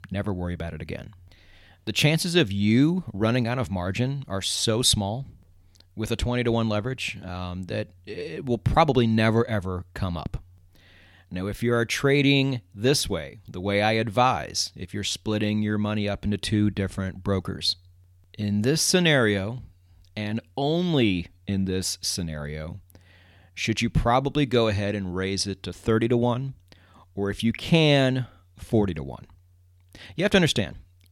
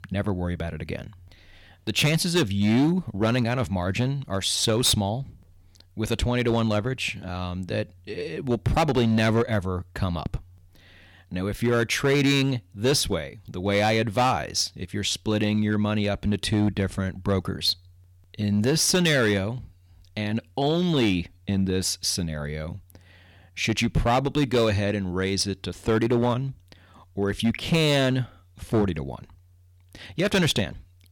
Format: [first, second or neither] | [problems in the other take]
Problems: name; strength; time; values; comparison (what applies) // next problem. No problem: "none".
first | distortion; slight; 5% of the sound clipped